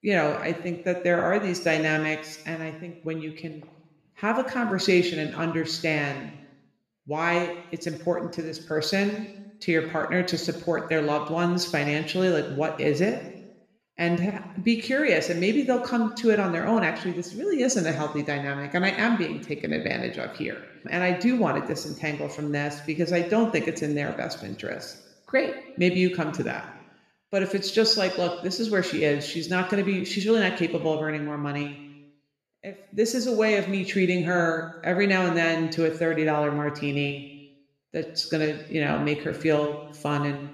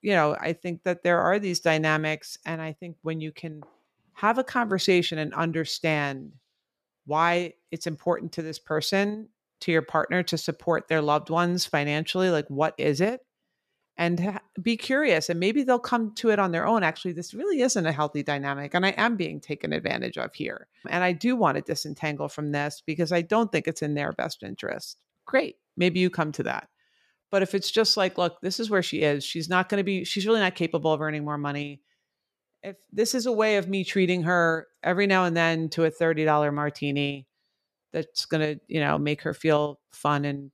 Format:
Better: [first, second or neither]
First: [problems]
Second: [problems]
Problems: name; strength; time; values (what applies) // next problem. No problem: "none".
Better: second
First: room echo; noticeable; dies away in 0.9 s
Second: none